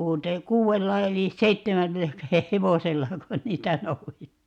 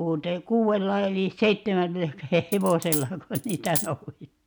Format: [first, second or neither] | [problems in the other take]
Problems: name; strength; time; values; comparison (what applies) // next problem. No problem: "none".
first | background sound (Coin (dropping)); 7 dB below the speech